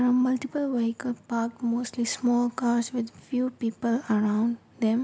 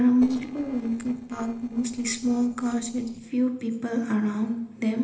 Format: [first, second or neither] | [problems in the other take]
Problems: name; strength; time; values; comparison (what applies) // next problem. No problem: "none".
first | noise reduction (neural separator model SepFormer DNS4)